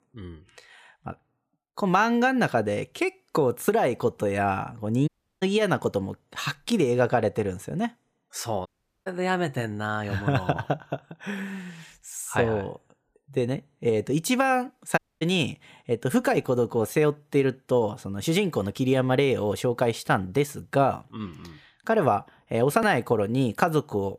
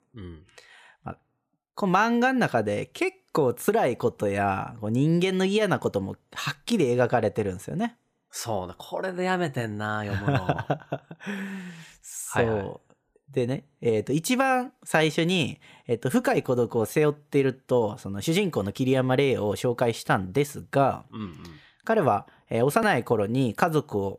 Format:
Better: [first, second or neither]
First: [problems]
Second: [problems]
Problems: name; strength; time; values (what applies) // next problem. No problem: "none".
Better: second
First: audio cutting out; at 5 s, at 8.5 s and at 15 s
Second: none